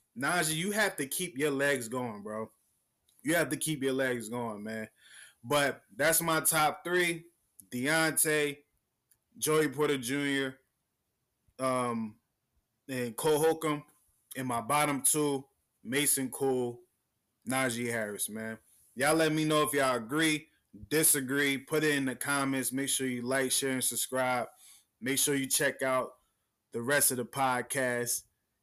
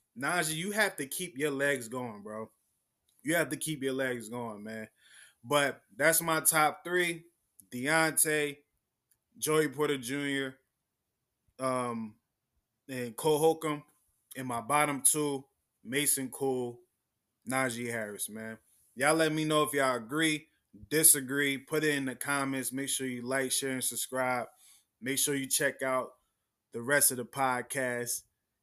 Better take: second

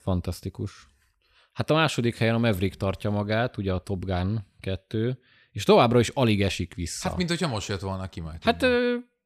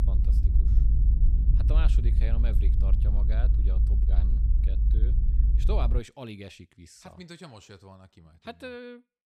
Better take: first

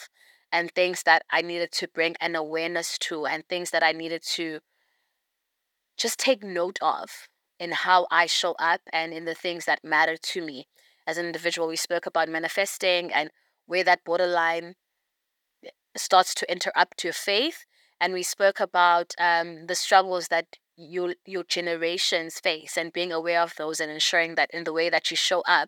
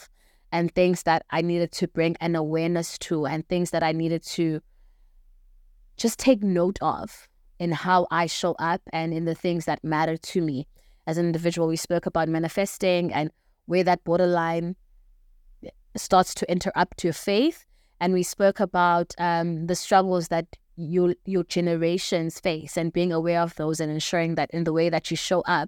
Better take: second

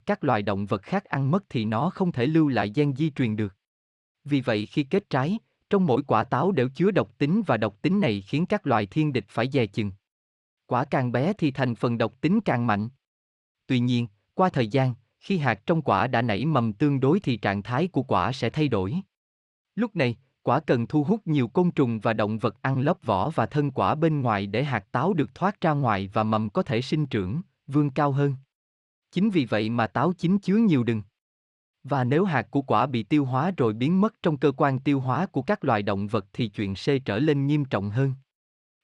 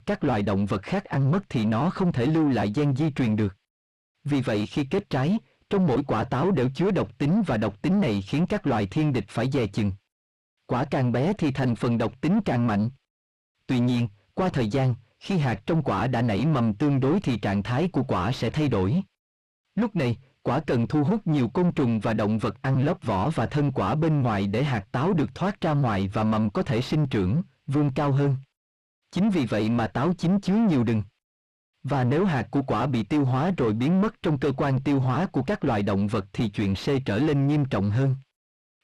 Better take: first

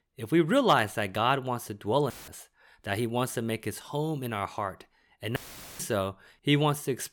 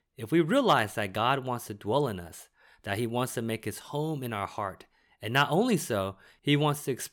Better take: second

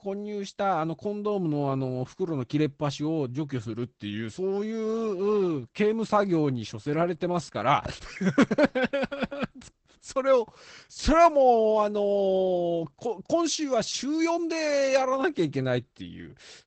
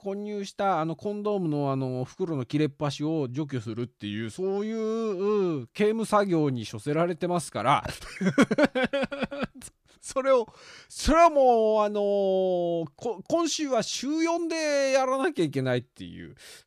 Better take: second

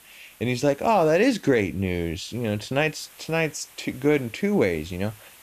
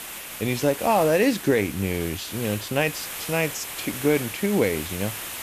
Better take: first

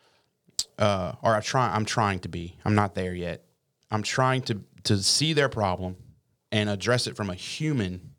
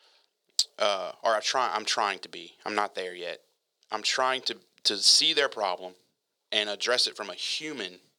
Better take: first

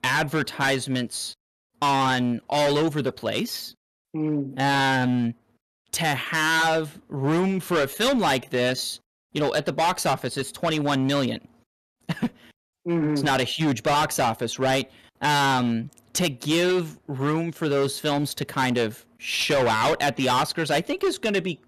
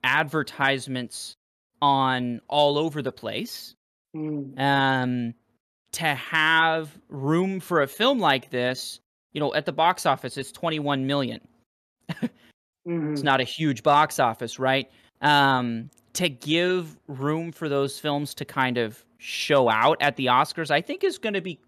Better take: second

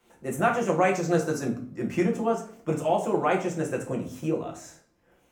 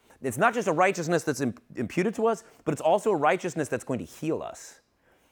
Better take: second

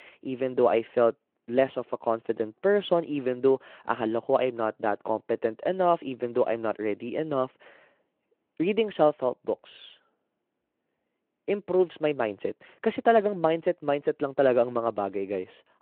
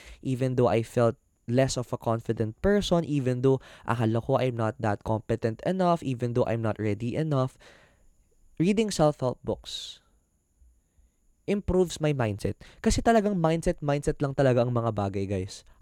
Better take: second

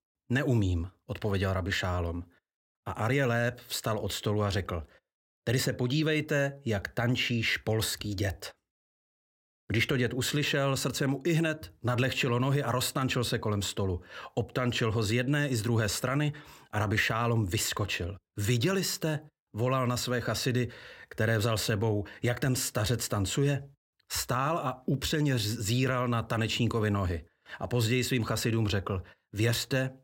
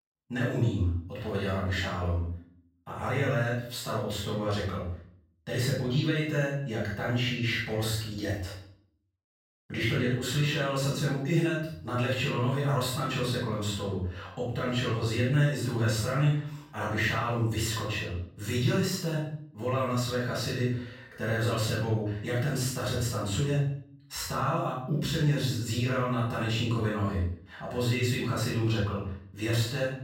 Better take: first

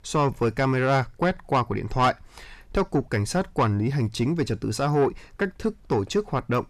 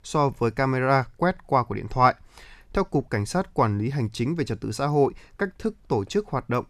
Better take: second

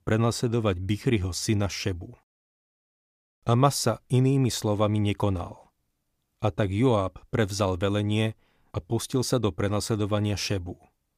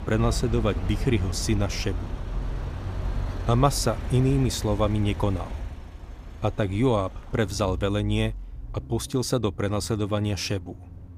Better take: first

